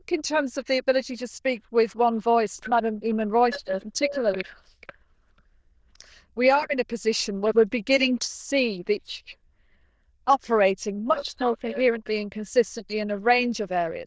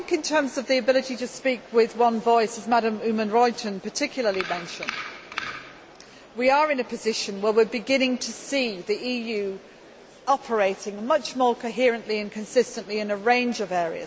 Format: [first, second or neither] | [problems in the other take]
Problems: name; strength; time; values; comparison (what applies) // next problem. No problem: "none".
second | noise reduction (neural diffusion model UNIVERSE++)